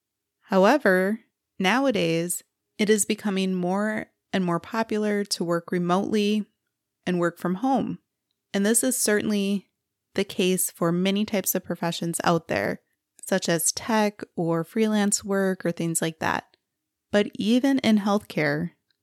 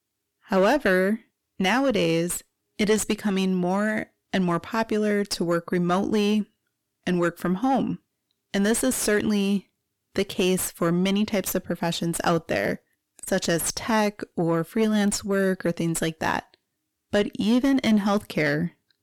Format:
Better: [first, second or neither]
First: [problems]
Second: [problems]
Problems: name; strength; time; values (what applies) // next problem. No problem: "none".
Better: first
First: none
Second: distortion; slight; 9 dB below the speech